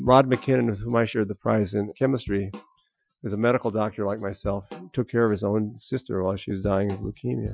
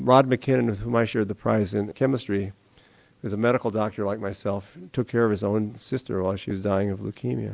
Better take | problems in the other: second | noise reduction (classical method Wiener filter)

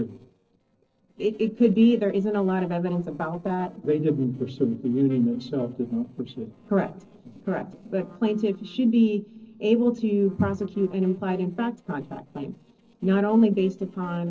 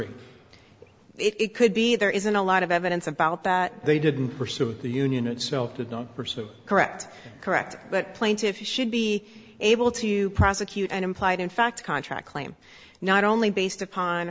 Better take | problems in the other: second | noise reduction (neural separator model SepFormer DNS4)

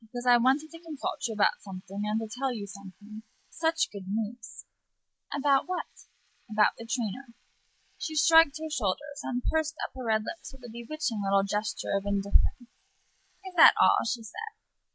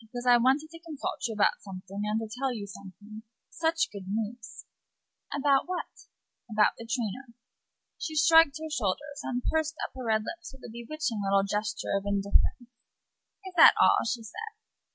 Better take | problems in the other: second | noise reduction (neural mask model Resemble Enhance denoiser)

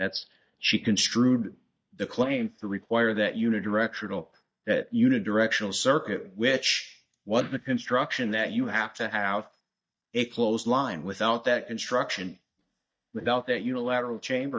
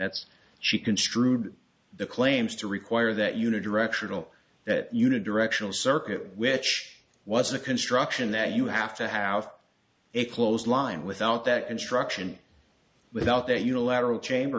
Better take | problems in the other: second | noise reduction (neural mask model DeepFilterNet 3)

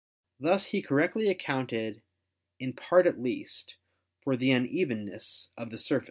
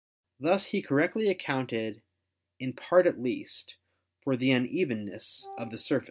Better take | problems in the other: first | background sound (Wind instrument, woodwind instrument); 17 dB below the speech

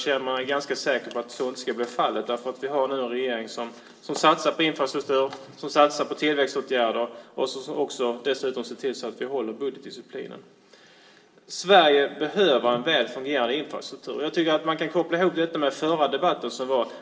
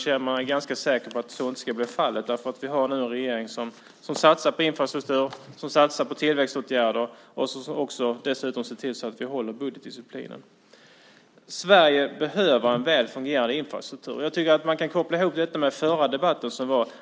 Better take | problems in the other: second | room echo; dies away in 0.8 s

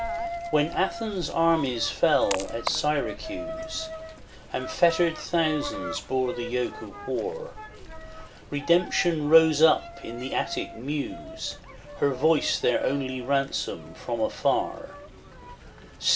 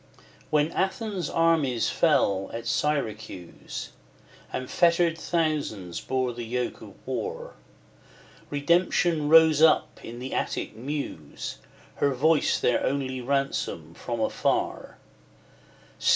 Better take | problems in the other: second | background sound (Coin (dropping)); 11 dB below the speech

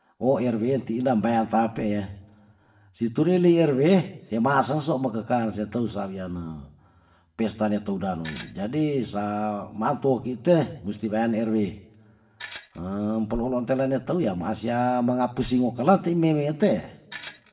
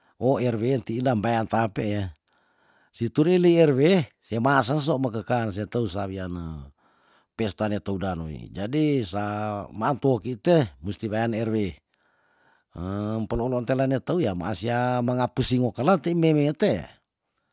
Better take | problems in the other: second | background sound (Tools); 16 dB below the speech // room echo; dies away in 0.8 s

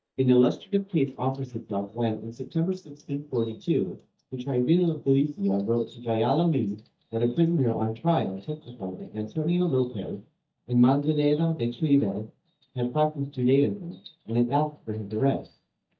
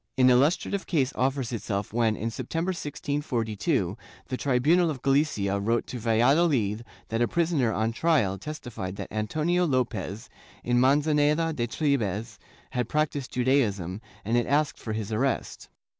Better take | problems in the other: second | noise reduction (neural mask model DeepFilterNet 3)

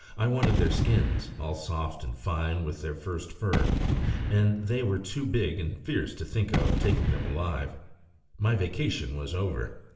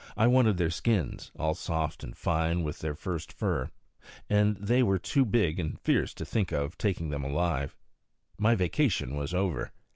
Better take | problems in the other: second | background sound (Gunshot, gunfire / Boom); 2 dB below the speech // room echo; dies away in 0.6 s

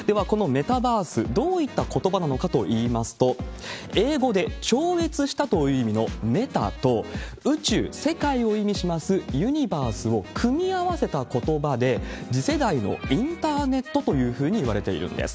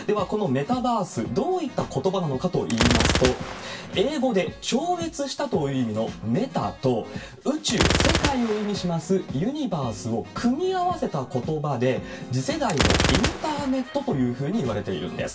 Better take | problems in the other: first | background sound (Gunshot, gunfire); 5 dB below the speech // room echo; dies away in 0.2 s

